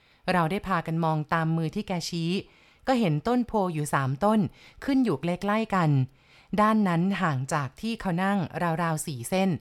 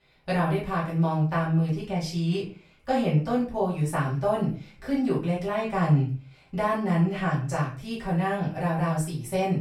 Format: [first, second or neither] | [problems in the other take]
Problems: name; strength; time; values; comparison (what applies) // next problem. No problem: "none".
first | off-mic speech; far // room echo; slight; dies away in 0.3 s